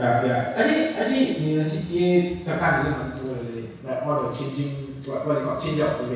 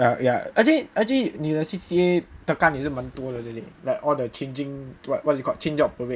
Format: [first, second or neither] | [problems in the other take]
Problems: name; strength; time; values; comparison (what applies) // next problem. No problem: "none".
second | room echo; dies away in 1.1 s